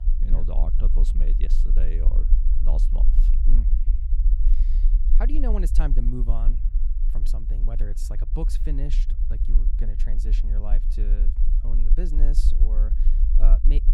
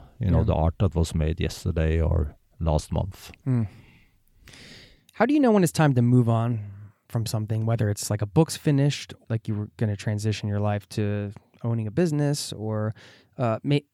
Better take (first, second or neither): second